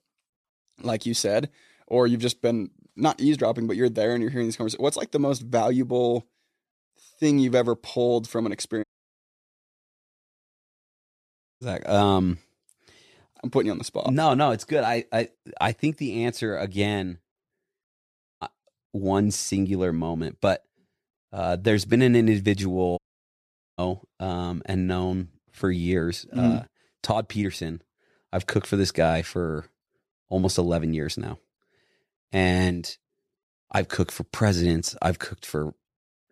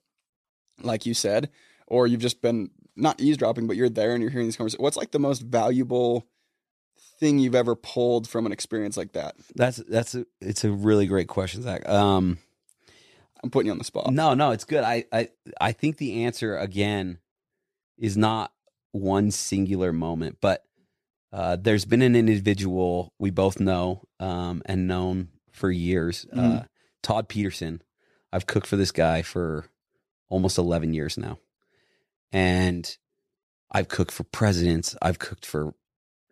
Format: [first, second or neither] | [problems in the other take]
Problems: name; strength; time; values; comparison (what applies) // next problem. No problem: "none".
second | audio cutting out; at 9 s for 3 s, at 18 s for 0.5 s and at 23 s for 1 s